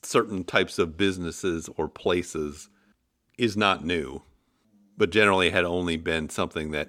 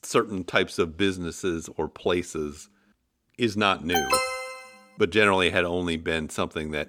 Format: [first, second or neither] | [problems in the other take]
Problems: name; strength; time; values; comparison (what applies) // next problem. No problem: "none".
first | alarm; loud; at 4 s; peak 2 dB above the speech